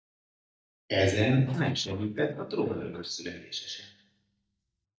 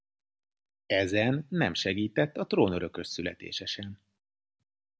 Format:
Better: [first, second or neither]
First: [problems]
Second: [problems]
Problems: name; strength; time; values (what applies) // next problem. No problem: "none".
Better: second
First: noise reduction (neural mask model DeepFilterNet 3)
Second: none